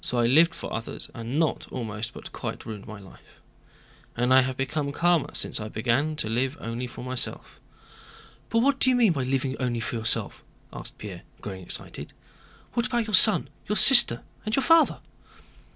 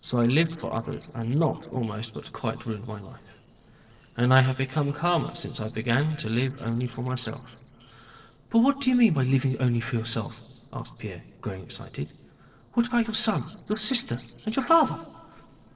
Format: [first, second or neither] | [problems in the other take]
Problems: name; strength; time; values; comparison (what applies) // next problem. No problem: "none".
first | noise reduction (neural separator model SepFormer DNS4)